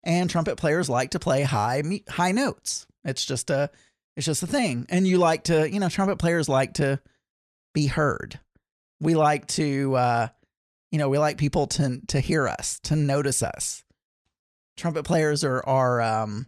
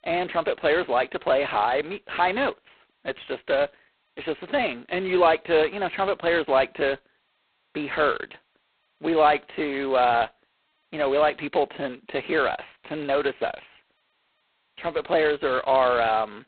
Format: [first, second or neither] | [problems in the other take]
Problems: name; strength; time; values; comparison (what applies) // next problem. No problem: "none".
first | phone-call audio; poor line; nothing above 4 kHz